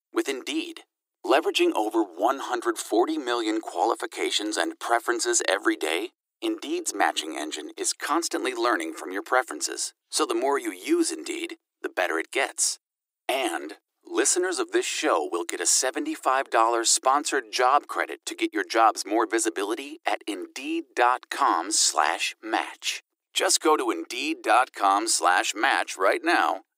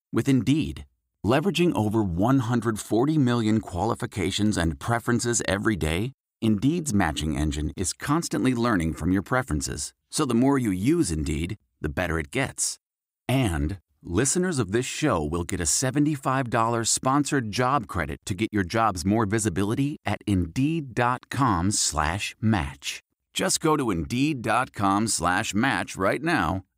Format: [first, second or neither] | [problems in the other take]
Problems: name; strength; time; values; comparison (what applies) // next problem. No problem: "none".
second | thin; very; fading below 350 Hz